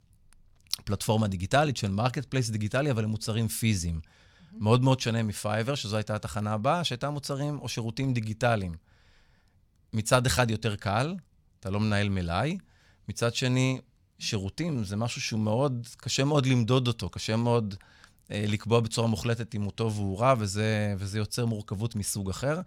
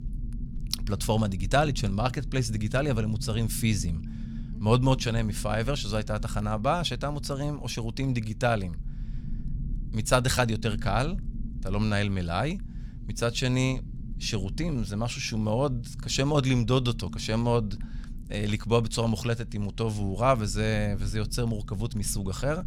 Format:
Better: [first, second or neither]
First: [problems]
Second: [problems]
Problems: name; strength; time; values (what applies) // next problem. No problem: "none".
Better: first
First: none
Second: low rumble; faint; throughout; 20 dB below the speech